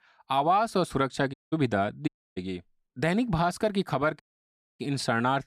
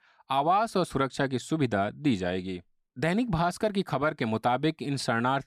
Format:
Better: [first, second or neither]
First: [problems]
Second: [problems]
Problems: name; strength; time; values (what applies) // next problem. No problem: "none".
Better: second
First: audio cutting out; at 1.5 s, at 2 s and at 4 s for 0.5 s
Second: none